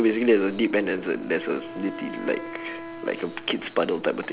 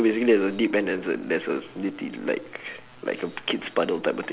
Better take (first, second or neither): second